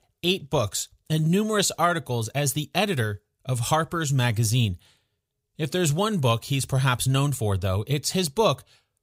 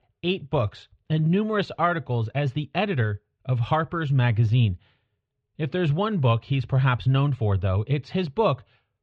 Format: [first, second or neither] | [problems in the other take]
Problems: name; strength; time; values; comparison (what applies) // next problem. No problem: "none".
first | muffled; very; fading above 3 kHz